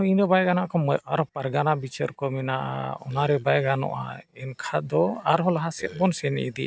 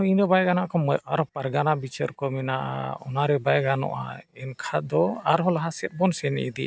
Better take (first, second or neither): second